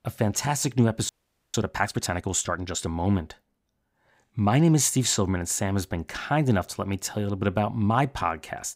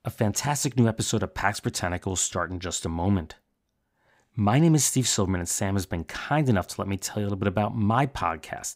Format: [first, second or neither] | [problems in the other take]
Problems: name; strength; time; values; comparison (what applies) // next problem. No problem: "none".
second | audio freezing; at 1 s